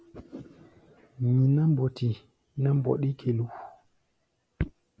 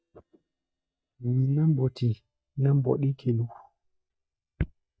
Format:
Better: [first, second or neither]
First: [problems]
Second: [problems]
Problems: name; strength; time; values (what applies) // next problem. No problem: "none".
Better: first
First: none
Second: noise reduction (neural mask model DeepFilterNet 3)